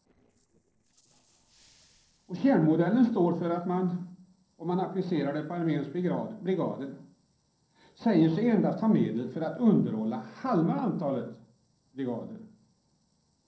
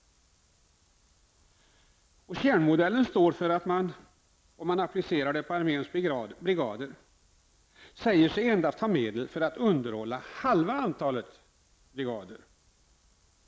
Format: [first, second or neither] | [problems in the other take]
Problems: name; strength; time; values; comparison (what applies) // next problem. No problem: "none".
second | noise reduction (neural separator model SepFormer DNS4)